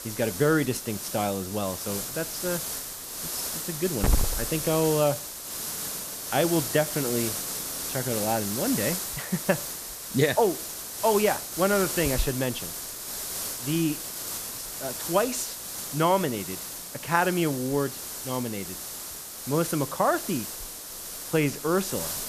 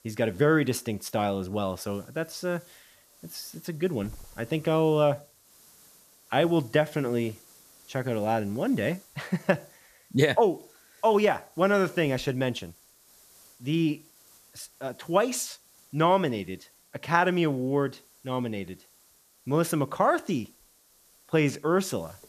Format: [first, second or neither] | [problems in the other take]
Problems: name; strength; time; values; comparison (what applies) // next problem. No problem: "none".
second | hiss; loud; throughout; 4 dB below the speech; faint in the second